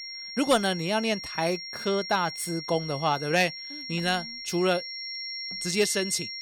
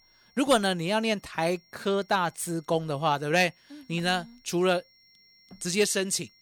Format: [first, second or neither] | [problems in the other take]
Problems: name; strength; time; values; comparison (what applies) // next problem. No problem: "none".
second | high-pitched whine; loud; throughout; 5.5 kHz, 8 dB below the speech; faint in the second